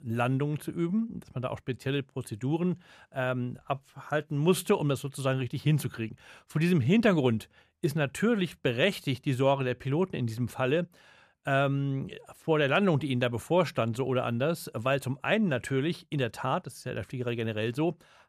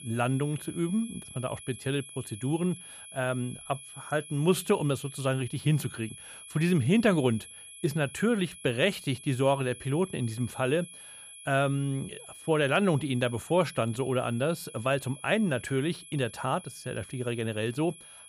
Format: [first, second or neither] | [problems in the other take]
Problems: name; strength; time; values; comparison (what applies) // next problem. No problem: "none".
first | high-pitched whine; noticeable; throughout; 11 kHz, 15 dB below the speech